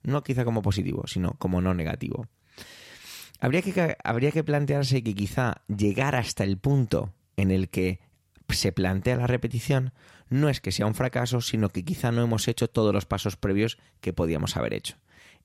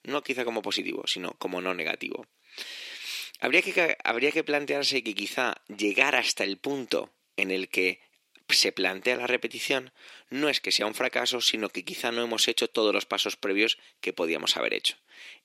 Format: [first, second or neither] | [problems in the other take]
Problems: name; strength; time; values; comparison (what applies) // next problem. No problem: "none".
first | thin; somewhat; fading below 300 Hz